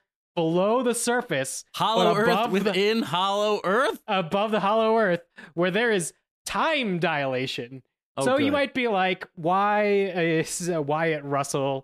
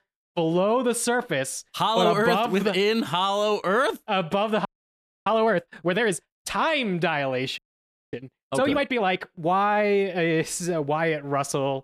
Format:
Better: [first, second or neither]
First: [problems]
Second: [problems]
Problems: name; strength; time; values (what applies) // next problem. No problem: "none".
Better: first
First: none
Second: audio freezing; at 4.5 s for 0.5 s and at 7.5 s for 0.5 s